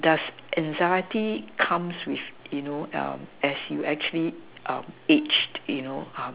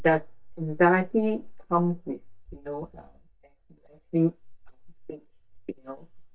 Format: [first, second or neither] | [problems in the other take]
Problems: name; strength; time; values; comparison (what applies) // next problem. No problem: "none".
first | noise reduction (neural mask model DeepFilterNet 3)